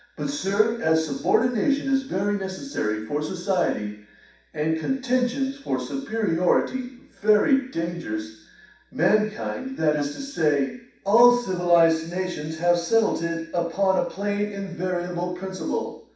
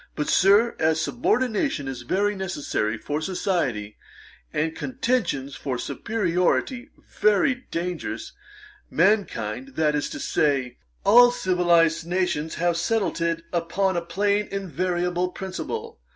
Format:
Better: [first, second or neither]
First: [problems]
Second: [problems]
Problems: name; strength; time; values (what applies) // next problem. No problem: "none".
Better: second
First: background sound (Wind instrument, woodwind instrument); 16 dB below the speech // room echo; dies away in 0.7 s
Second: none